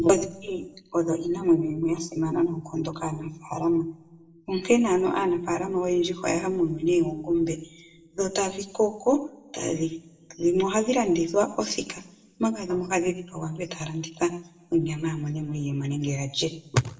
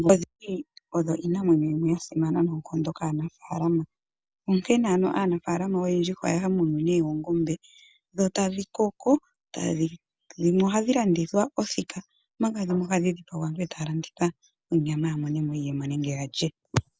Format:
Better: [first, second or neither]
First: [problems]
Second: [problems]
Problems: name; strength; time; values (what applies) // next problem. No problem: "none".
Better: second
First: room echo; dies away in 0.6 s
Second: none